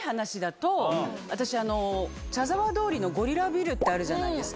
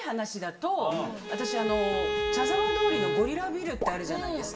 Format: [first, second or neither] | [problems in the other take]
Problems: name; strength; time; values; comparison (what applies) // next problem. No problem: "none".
first | background sound (Bowed string instrument); as loud as the speech // room echo; dies away in 0.5 s